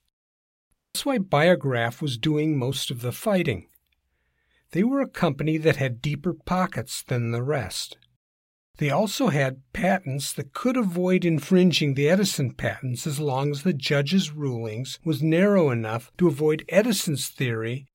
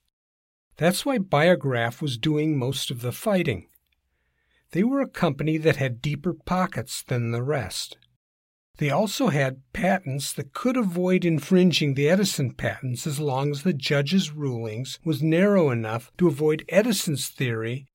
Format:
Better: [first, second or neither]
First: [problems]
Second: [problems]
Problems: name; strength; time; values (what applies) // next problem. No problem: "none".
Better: second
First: audio cutting out; at 0.5 s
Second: none